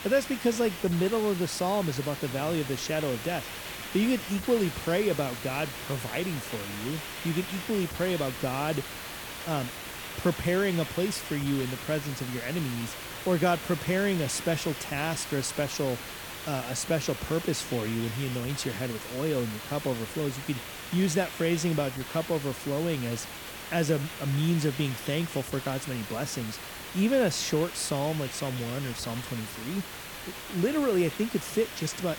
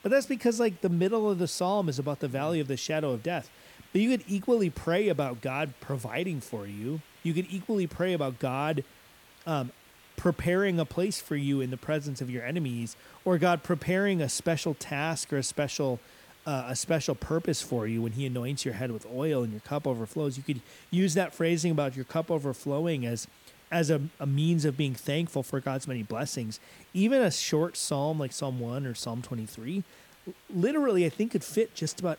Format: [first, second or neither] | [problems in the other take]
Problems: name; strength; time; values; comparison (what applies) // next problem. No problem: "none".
second | hiss; loud; throughout; 8 dB below the speech; faint in the second